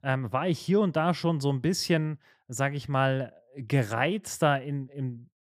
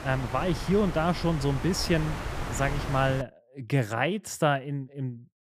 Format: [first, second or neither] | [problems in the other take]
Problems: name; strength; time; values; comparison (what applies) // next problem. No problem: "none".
first | wind noise on the microphone; heavy; until 3 s; 8 dB below the speech